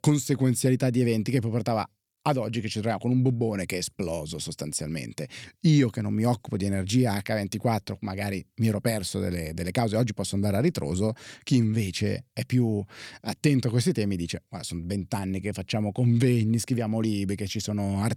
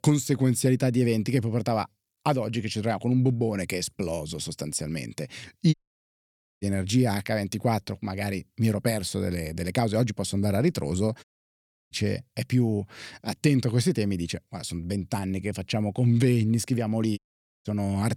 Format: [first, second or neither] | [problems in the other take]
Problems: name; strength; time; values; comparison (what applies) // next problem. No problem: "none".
first | audio cutting out; at 5.5 s for 1 s, at 11 s for 0.5 s and at 17 s